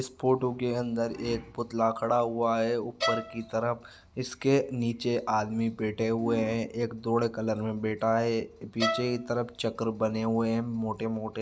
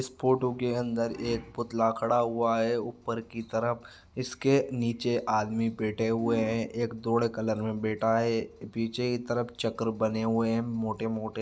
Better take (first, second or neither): second